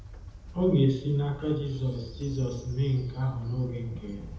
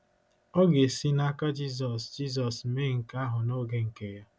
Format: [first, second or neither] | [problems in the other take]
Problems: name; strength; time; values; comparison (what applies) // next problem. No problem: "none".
second | background sound (Train); 14 dB below the speech // room echo; dies away in 1 s